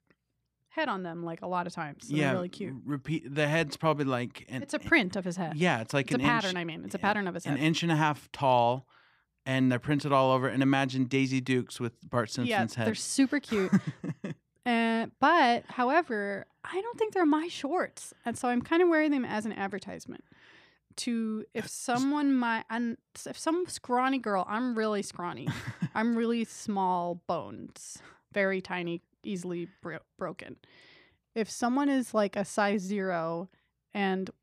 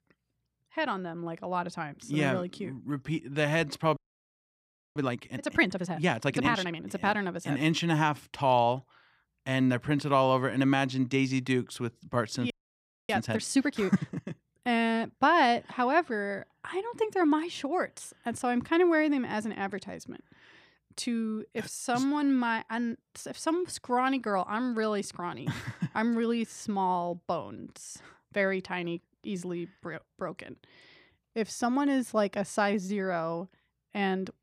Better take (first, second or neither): first